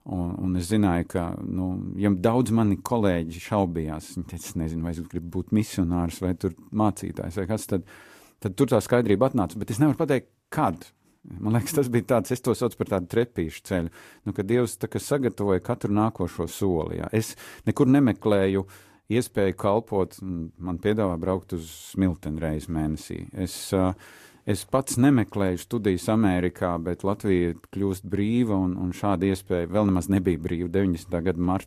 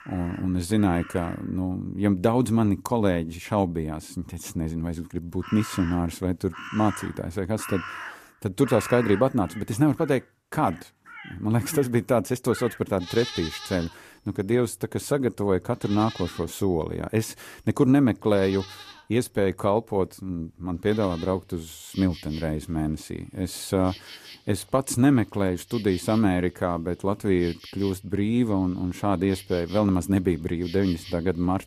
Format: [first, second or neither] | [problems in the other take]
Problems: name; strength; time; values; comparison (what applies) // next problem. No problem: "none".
first | animal sounds; noticeable; throughout; 15 dB below the speech